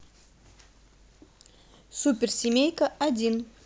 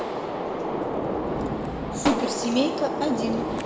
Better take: first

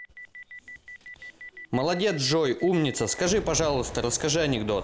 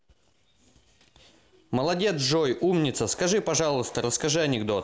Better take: second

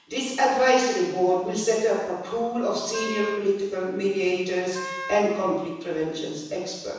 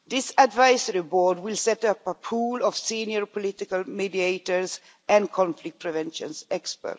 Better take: second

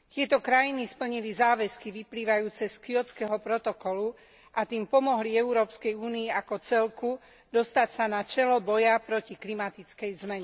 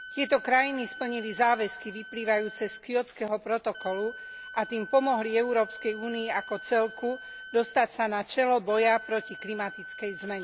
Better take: first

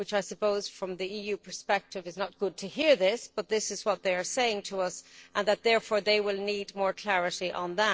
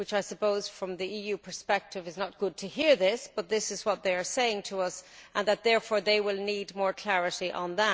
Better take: second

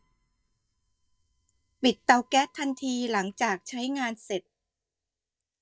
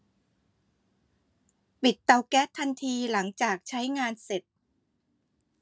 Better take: second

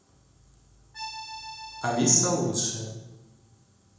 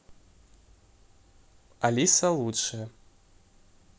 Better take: second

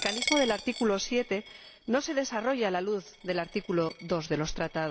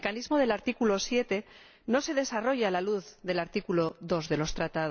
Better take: second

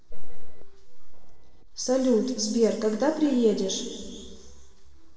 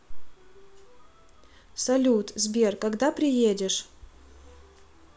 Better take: second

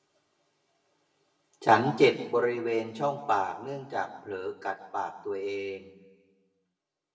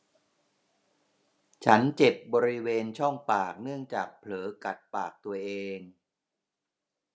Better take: second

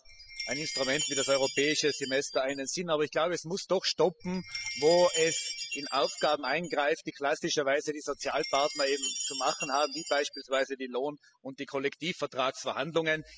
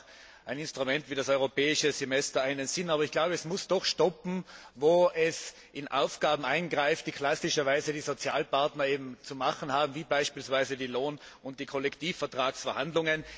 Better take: second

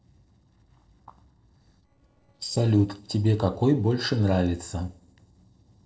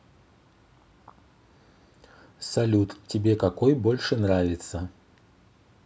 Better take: second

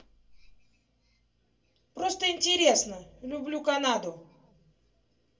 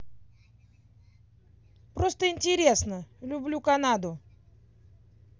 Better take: second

